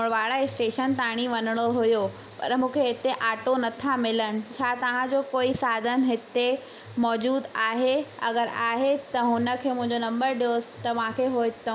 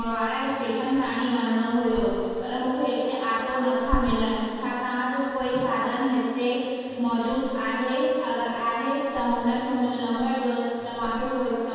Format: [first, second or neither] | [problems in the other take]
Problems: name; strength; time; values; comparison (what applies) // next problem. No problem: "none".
first | background sound (Thump, thud); 14 dB below the speech // room echo; dies away in 2.1 s